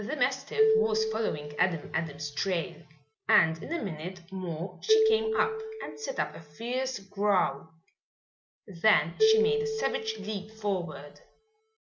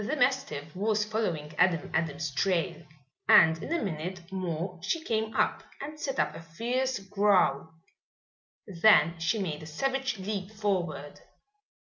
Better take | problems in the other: second | background sound (Marimba, xylophone); 1 dB below the speech

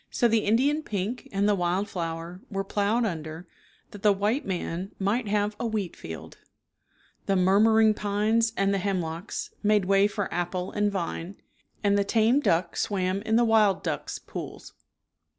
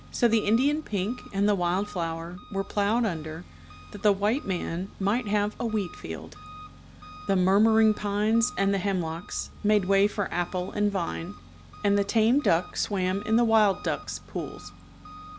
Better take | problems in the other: first | background sound (Engine); 18 dB below the speech

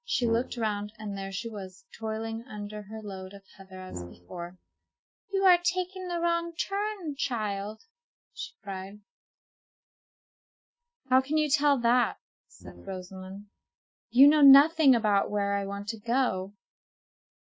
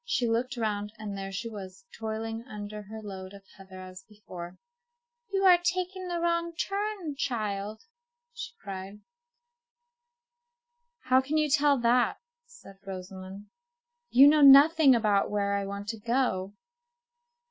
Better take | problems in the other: second | noise reduction (neural mask model RNNoise)

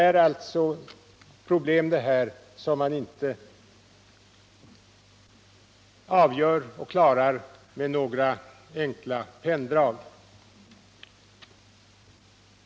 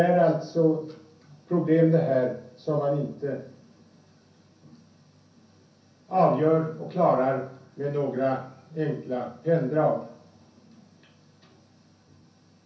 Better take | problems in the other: first | room echo; dies away in 0.6 s

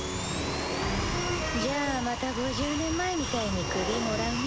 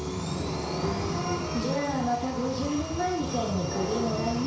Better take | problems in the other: first | room echo; dies away in 0.6 s

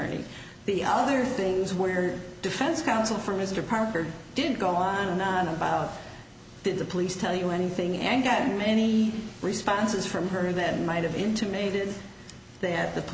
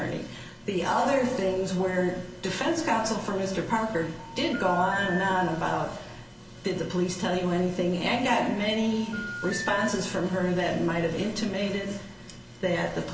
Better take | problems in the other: first | background sound (Telephone); 10 dB below the speech // room echo; dies away in 0.3 s

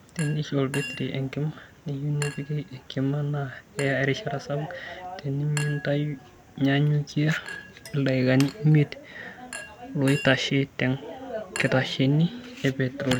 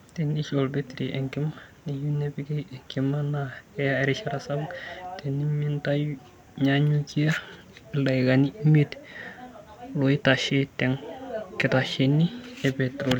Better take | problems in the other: second | background sound (Chink, clink); 17 dB below the speech

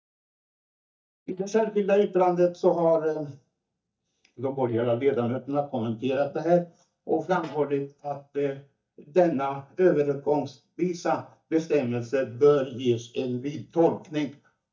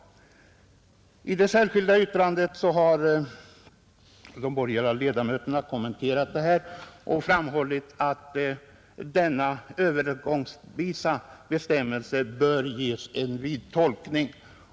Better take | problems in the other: second | noise reduction (neural mask model DeepFilterNet 3)

